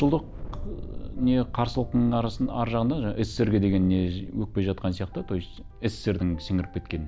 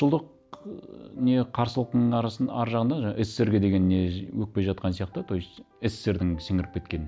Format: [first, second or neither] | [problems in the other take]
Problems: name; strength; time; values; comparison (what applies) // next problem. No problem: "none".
second | background sound (Thunder); 11 dB below the speech